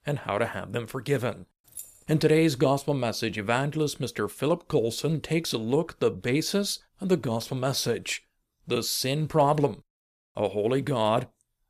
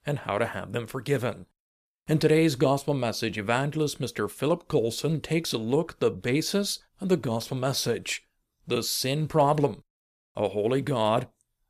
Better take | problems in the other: second | jangling keys; faint; at 1.5 s; peak 15 dB below the speech

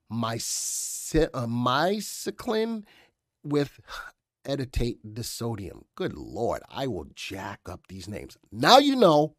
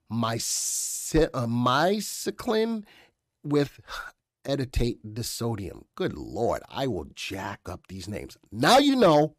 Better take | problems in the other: first | distortion; slight; 10 dB below the speech

